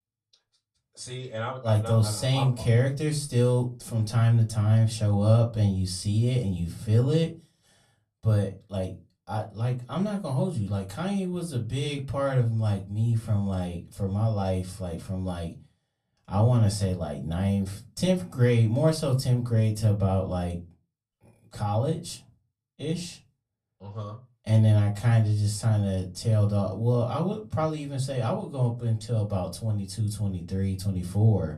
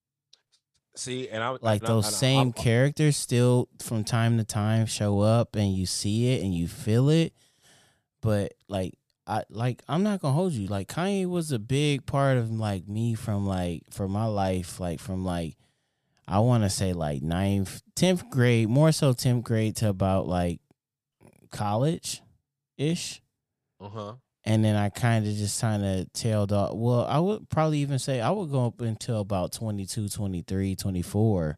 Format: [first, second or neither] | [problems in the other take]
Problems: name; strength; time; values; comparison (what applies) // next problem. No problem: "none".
second | off-mic speech; far // room echo; very slight; dies away in 0.2 s